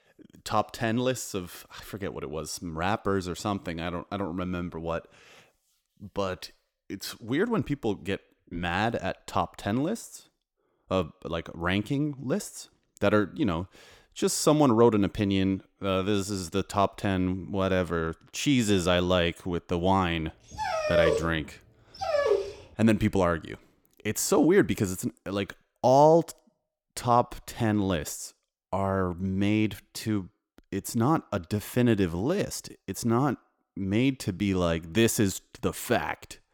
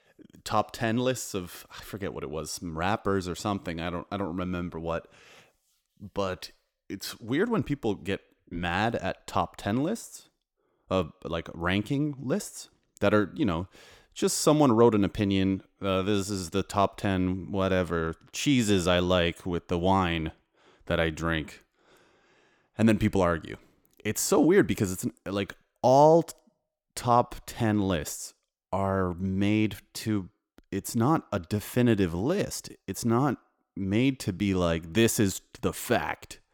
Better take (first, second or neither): second